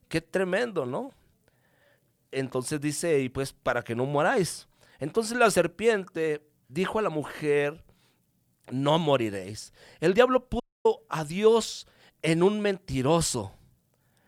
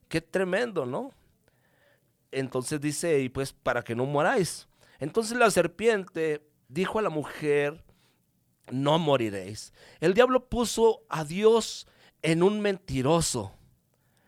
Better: second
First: audio cutting out; at 11 s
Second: none

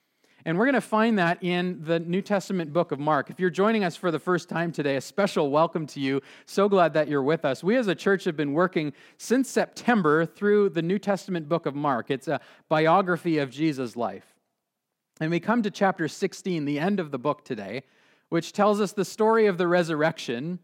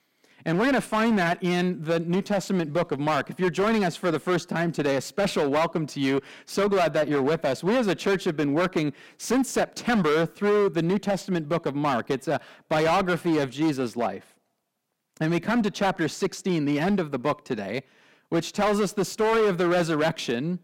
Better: first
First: none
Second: distortion; heavy; 13% of the sound clipped

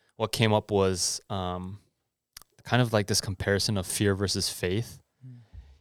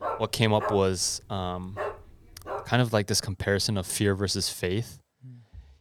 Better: first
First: none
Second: dog barking; noticeable; until 2.5 s; peak 7 dB below the speech

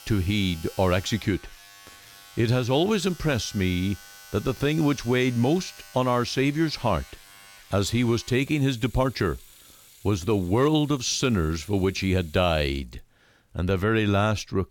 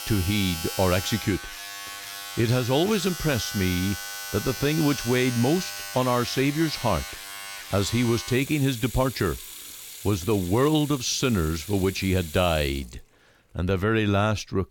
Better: first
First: household noises; faint; throughout; 20 dB below the speech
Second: household noises; loud; throughout; 9 dB below the speech

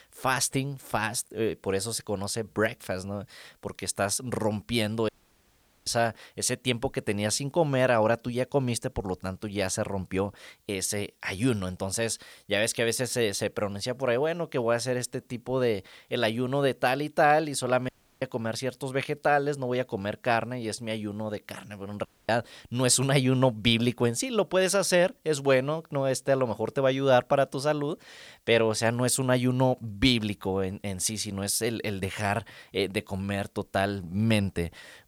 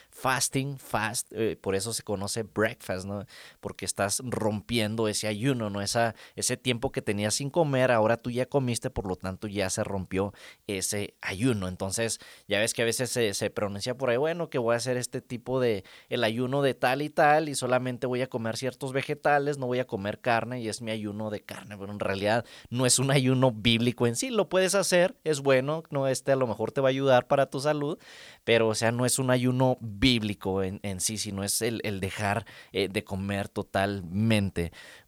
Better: second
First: audio cutting out; at 5 s for 1 s, at 18 s and at 22 s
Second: none

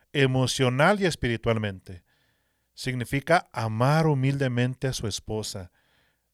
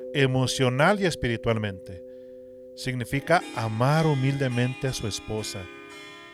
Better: first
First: none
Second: background music; noticeable; throughout; 15 dB below the speech

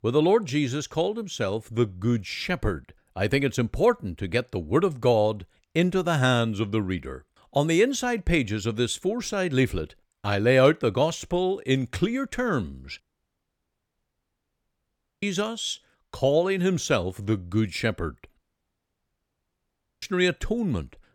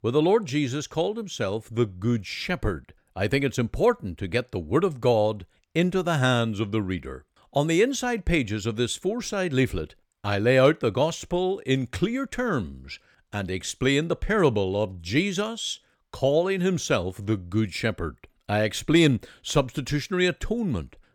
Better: second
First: audio cutting out; at 13 s for 2 s and at 18 s for 1.5 s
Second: none

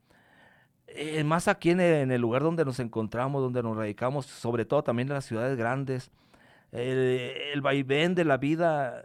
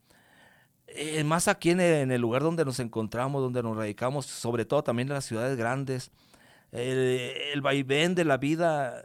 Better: second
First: muffled; slightly; fading above 3.5 kHz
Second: none

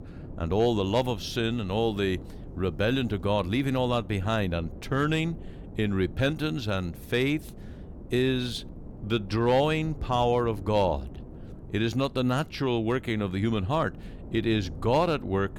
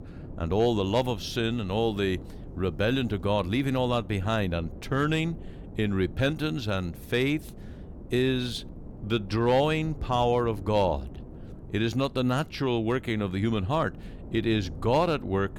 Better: neither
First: wind noise on the microphone; occasional gusts; 20 dB below the speech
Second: wind noise on the microphone; occasional gusts; 20 dB below the speech

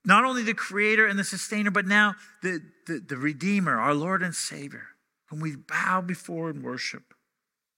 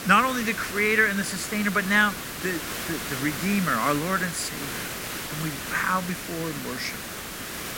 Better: first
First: none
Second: hiss; loud; throughout; 7 dB below the speech

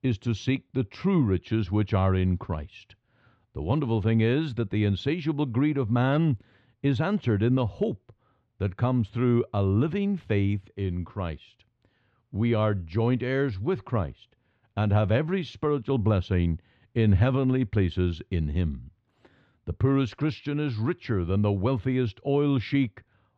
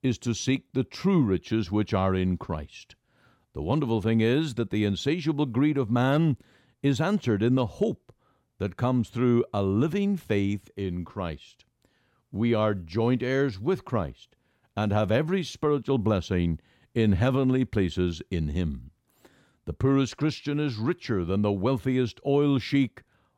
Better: second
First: muffled; very slightly; fading above 3 kHz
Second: none

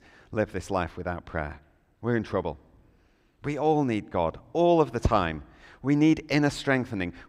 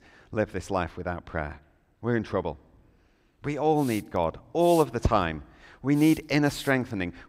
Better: first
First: none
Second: hiss; very faint; from 3 s on; 15 dB below the speech

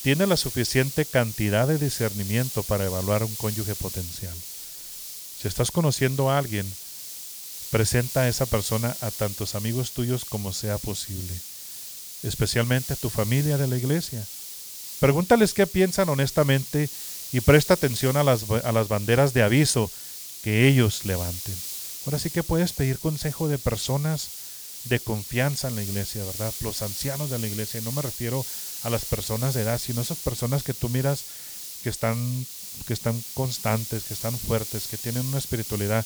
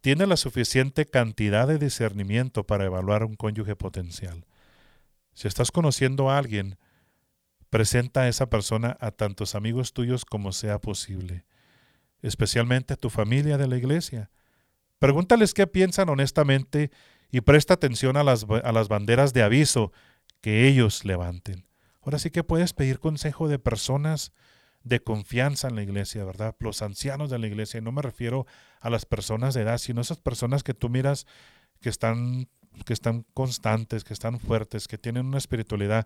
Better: second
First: hiss; loud; throughout; 7 dB below the speech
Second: none

